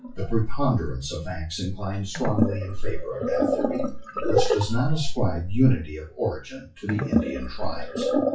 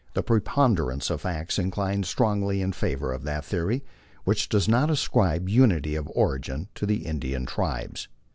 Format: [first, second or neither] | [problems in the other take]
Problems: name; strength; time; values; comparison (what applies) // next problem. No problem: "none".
second | noise reduction (classical method WPE with log-MMSE)